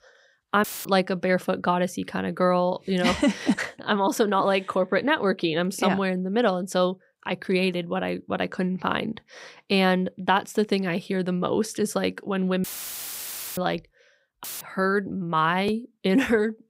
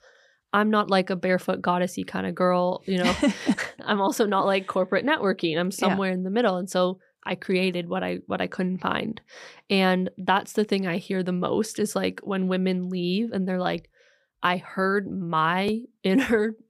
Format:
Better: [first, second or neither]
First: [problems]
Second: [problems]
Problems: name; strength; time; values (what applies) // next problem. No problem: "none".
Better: second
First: audio cutting out; filled with static; at 0.5 s, at 13 s for 1 s and at 14 s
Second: none